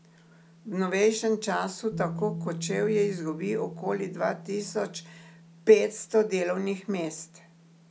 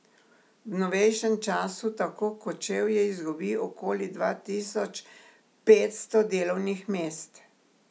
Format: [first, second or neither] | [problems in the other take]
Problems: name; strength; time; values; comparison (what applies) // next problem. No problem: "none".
second | background sound (Bass guitar); 13 dB below the speech